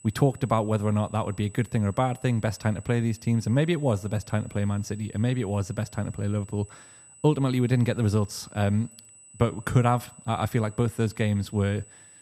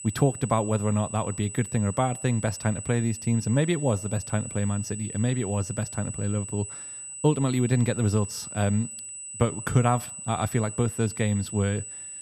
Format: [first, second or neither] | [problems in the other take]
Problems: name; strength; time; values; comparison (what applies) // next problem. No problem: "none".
first | high-pitched whine; loud; throughout; 8 kHz, 9 dB below the speech; faint in the first